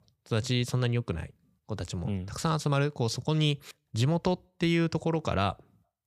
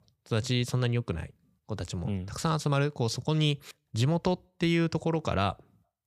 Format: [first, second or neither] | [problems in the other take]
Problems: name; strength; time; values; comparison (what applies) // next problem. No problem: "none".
neither | none